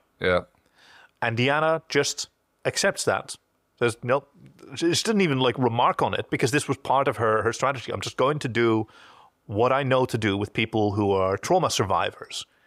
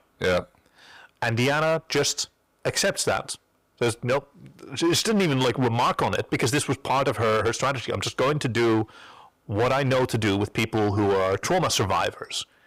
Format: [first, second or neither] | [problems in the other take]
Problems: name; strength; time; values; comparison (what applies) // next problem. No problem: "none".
first | distortion; heavy; 13% of the sound clipped